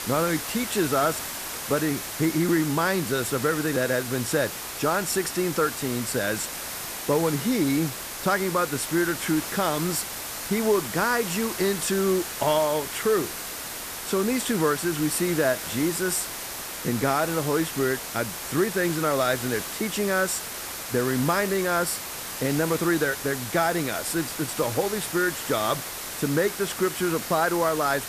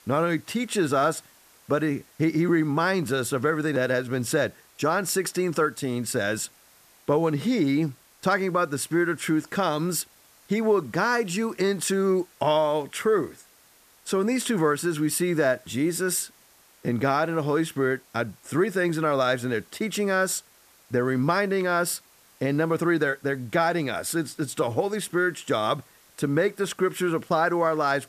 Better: second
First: hiss; loud; throughout; 6 dB below the speech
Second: hiss; faint; throughout; 30 dB below the speech

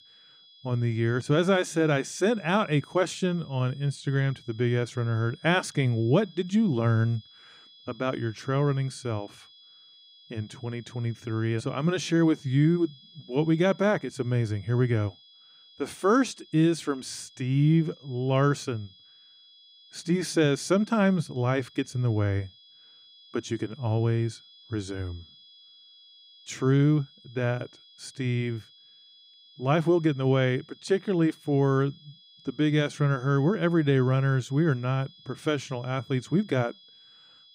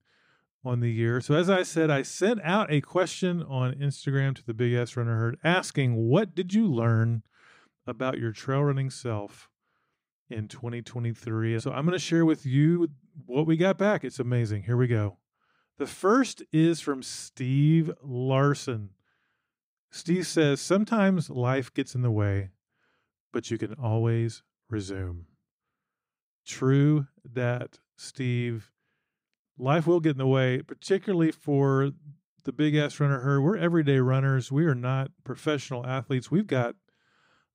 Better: second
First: high-pitched whine; faint; throughout; 3.5 kHz, 25 dB below the speech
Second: none

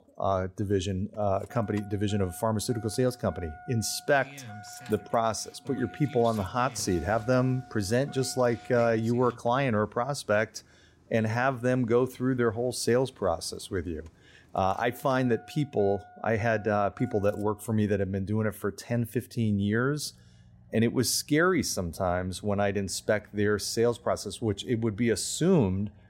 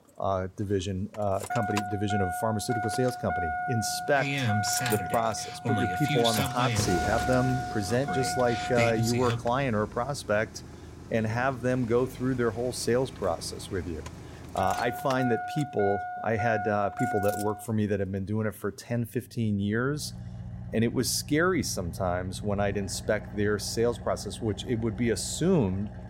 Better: first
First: traffic noise; faint; throughout; 20 dB below the speech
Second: traffic noise; loud; throughout; 4 dB below the speech

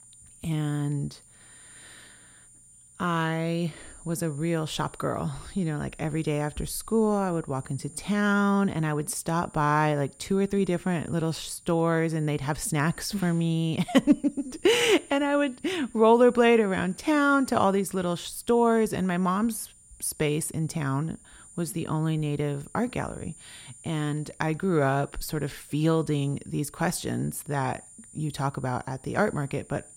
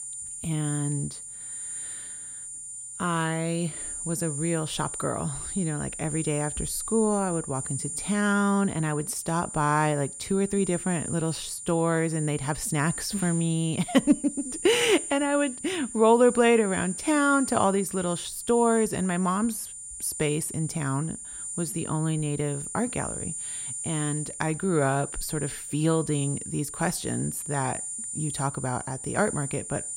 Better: first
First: high-pitched whine; faint; throughout; 9 kHz, 25 dB below the speech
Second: high-pitched whine; loud; throughout; 9 kHz, 7 dB below the speech

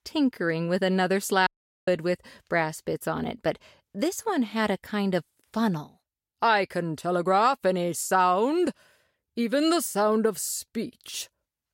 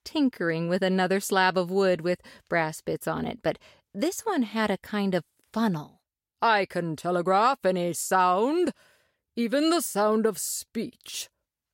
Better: second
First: audio cutting out; at 1.5 s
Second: none

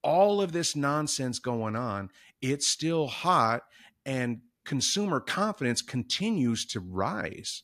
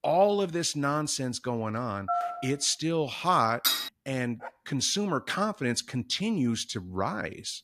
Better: first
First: none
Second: phone ringing; noticeable; at 2 s; peak 2 dB below the speech // clattering dishes; loud; at 3.5 s; peak 3 dB above the speech // dog barking; faint; at 4.5 s; peak 15 dB below the speech

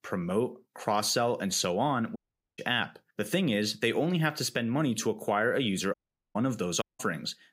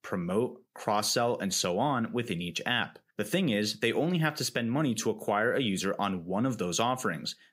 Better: second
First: audio cutting out; at 2 s, at 6 s and at 7 s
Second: none

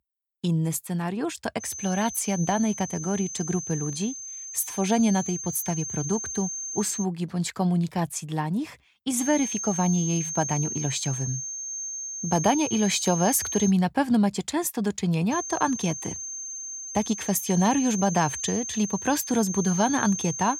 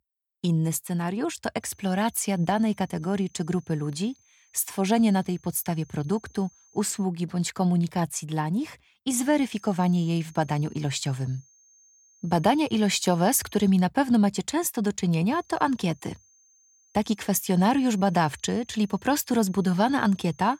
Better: second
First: high-pitched whine; loud; from 1.5 to 7 s, from 9 to 14 s and from 15 s on; 6.5 kHz, 5 dB below the speech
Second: high-pitched whine; faint; from 1.5 to 7 s, from 9 to 14 s and from 15 s on; 6.5 kHz, 30 dB below the speech

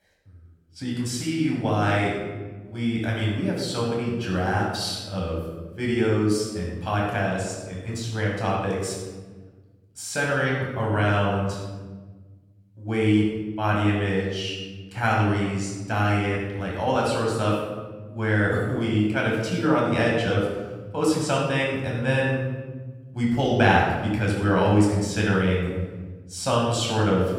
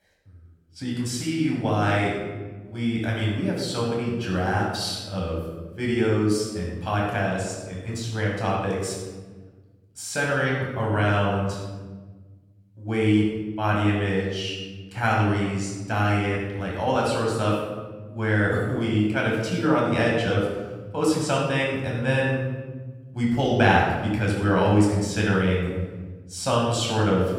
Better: neither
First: off-mic speech; far // room echo; noticeable; dies away in 1.3 s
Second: off-mic speech; far // room echo; noticeable; dies away in 1.3 s

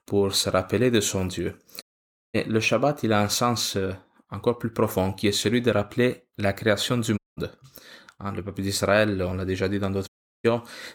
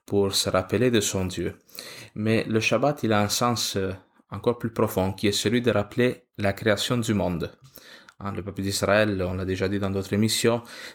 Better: second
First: audio cutting out; at 2 s for 0.5 s, at 7 s and at 10 s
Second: none

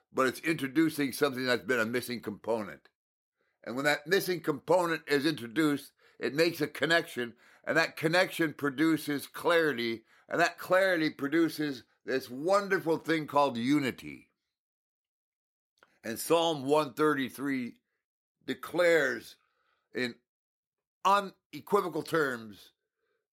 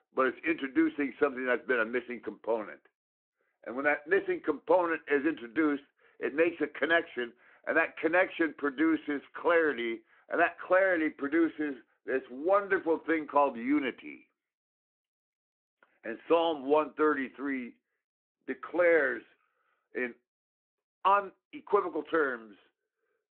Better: first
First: none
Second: phone-call audio

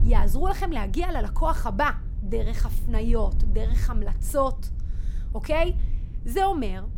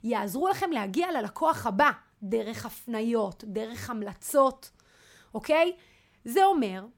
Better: second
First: low rumble; faint; throughout; 20 dB below the speech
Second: none

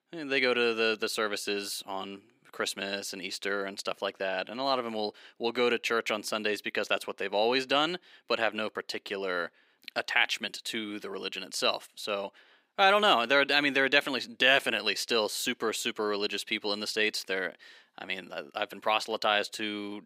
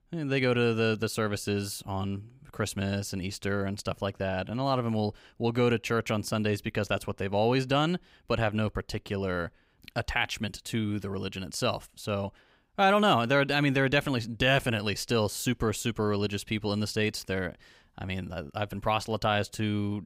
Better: second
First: thin; somewhat; fading below 300 Hz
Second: none

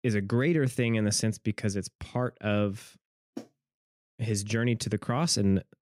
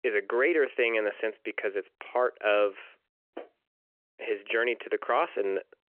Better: first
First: none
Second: phone-call audio

